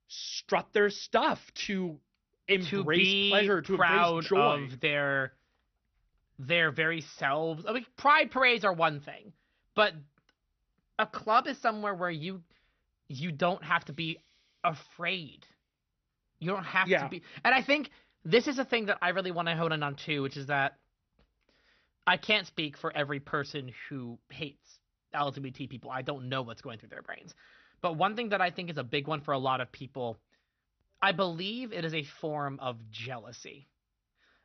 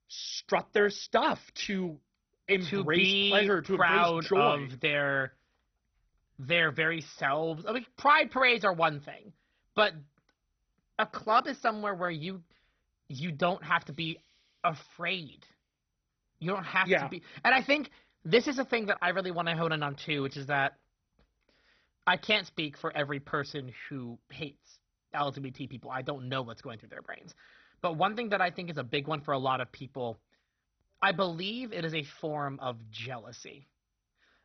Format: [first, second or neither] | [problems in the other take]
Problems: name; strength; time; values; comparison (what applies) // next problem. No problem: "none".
first | garbled, watery; badly; nothing above 6 kHz; slightly in the first